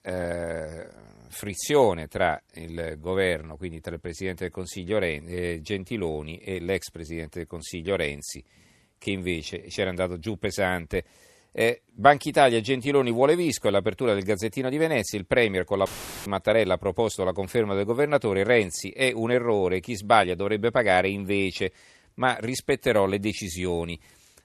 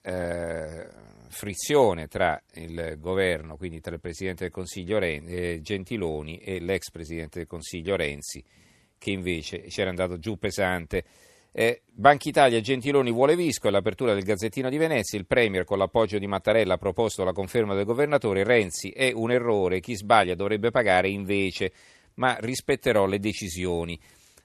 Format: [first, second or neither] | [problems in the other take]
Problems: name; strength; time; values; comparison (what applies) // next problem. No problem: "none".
second | audio cutting out; filled with static; at 16 s